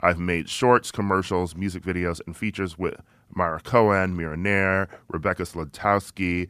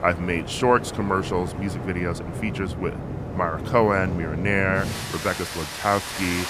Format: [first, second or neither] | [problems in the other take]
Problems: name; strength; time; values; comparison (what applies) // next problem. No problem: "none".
first | rain or running water; loud; throughout; 6 dB below the speech